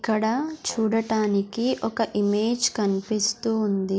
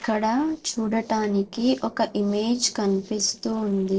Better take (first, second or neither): first